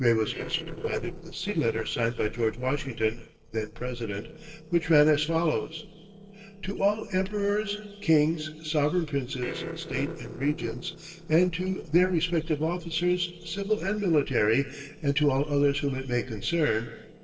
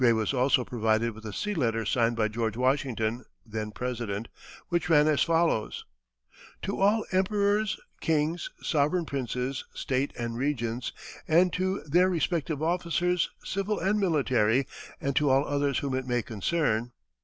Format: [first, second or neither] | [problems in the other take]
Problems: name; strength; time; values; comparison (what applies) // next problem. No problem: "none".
second | noise reduction (neural separator model SepFormer DNS4)